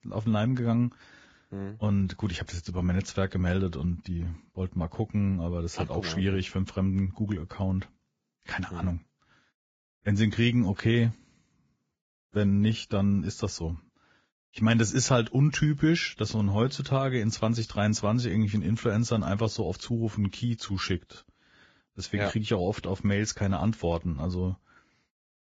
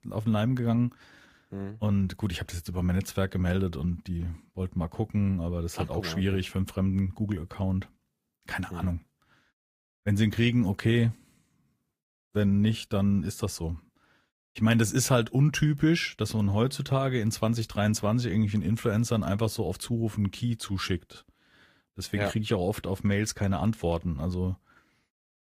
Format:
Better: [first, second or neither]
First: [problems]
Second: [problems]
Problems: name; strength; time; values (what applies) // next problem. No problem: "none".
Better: second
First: garbled, watery; badly; nothing above 7.5 kHz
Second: garbled, watery; slightly; nothing above 15.5 kHz